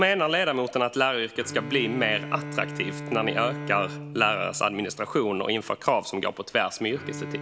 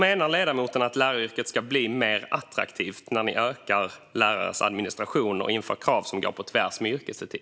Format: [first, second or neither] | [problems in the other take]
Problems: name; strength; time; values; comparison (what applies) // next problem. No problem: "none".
second | background sound (Bowed string instrument); 12 dB below the speech